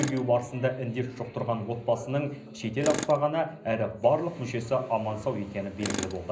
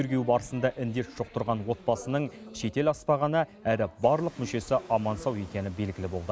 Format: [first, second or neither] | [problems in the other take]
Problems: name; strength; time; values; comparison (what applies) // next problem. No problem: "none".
second | background sound (Tools); 12 dB below the speech // room echo; dies away in 0.5 s